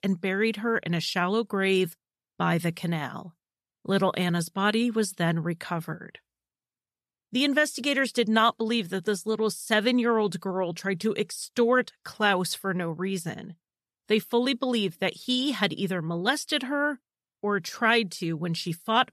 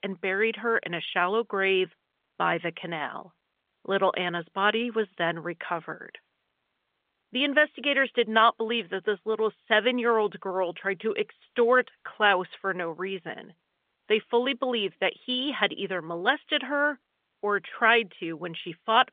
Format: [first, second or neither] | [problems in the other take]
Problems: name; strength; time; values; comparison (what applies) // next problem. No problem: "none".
first | phone-call audio; nothing above 3.5 kHz